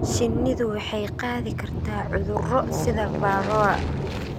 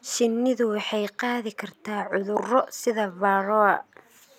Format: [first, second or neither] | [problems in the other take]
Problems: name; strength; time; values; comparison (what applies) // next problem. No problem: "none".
second | background sound (Aircraft + Thunder); 1 dB below the speech